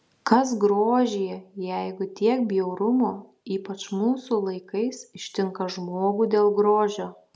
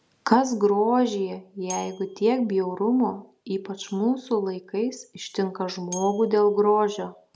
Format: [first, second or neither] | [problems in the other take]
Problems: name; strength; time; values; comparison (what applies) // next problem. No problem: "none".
first | background sound (Bell); 19 dB below the speech